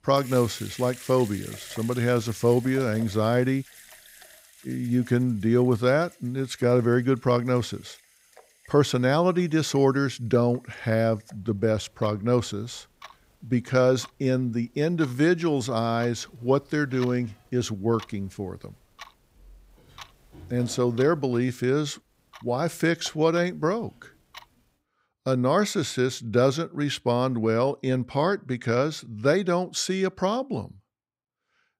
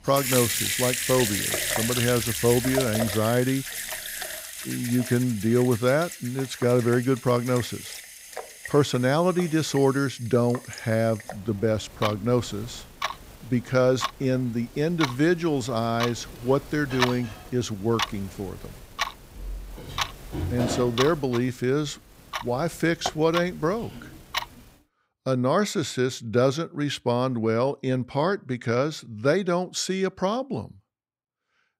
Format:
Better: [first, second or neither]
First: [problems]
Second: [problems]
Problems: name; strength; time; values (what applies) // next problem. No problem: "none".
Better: first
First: household noises; faint; until 25 s; 20 dB below the speech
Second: household noises; loud; until 25 s; 5 dB below the speech